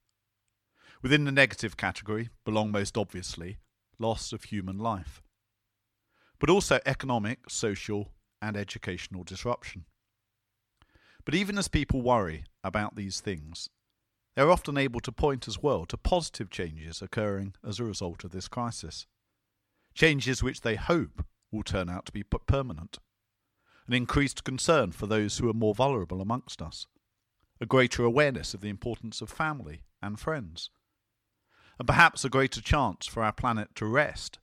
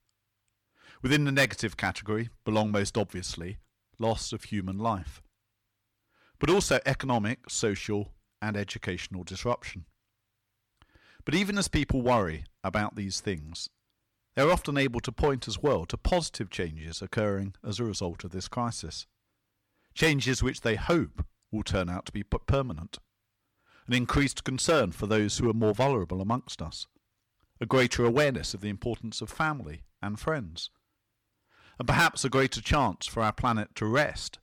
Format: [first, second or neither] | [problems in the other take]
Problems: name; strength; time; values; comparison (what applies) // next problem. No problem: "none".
first | distortion; slight; 2% of the sound clipped